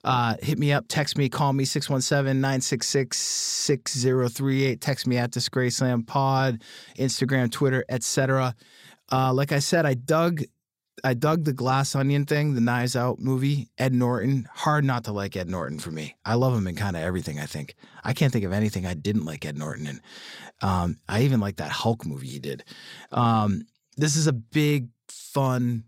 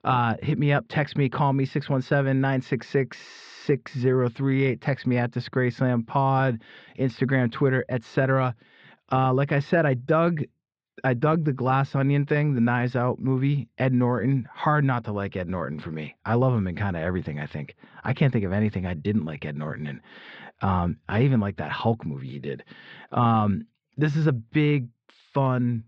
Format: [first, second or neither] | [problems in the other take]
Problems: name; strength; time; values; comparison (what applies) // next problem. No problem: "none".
first | muffled; very; fading above 3 kHz